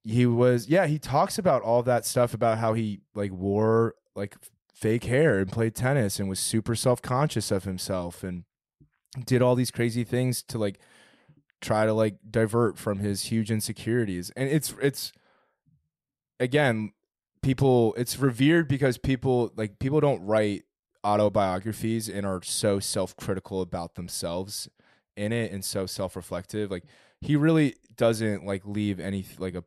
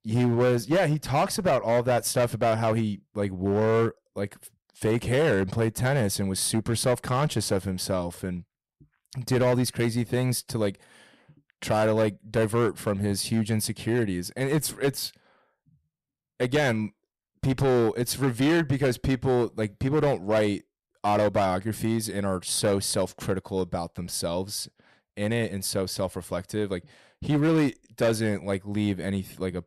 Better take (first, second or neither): first